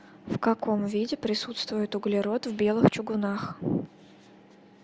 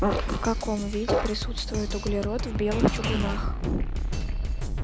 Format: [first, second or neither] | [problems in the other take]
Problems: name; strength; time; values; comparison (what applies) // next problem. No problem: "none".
first | background sound (Fart + Drum kit); 2 dB above the speech